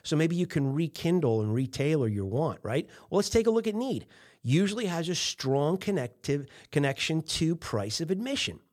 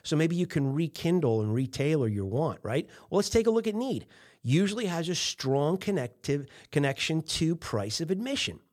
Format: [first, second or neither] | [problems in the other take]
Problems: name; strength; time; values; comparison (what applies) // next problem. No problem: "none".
neither | none